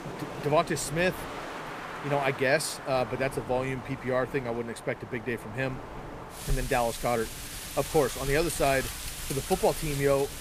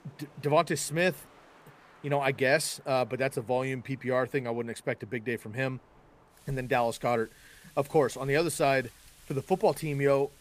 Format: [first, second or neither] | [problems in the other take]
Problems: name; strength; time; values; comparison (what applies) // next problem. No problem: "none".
second | wind in the background; loud; throughout; 9 dB below the speech; faint in the second